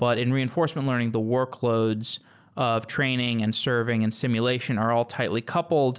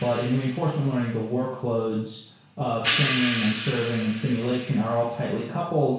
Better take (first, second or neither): first